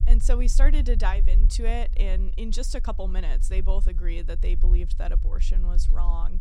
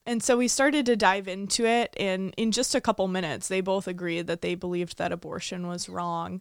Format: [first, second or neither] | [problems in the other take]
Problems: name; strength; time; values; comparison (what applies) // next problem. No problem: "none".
second | low rumble; noticeable; throughout; 15 dB below the speech